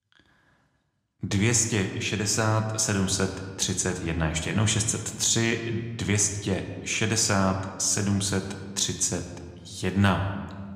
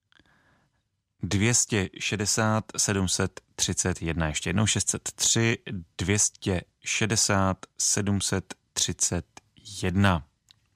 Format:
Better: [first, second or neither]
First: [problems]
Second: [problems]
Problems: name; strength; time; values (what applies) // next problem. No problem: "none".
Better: second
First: room echo; slight; dies away in 1.2 s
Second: none